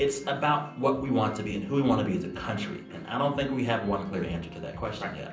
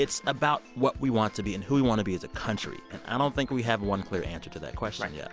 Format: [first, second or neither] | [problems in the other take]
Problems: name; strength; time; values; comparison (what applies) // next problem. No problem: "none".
second | room echo; dies away in 0.6 s